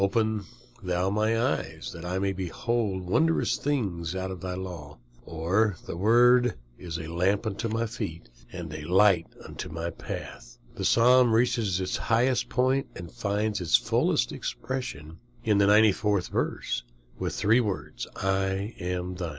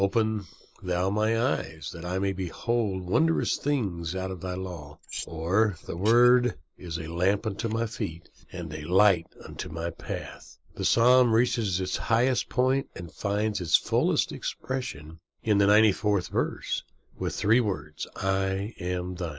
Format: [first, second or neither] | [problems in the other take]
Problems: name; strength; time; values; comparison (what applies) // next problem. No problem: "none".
first | noise reduction (neural mask model Resemble Enhance denoiser)